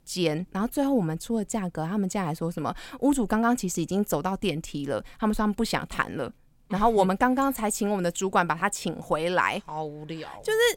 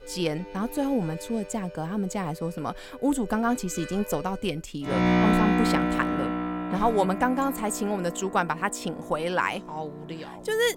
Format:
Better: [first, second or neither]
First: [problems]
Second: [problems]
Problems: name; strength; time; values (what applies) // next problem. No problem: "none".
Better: first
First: none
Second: background music; very loud; throughout; as loud as the speech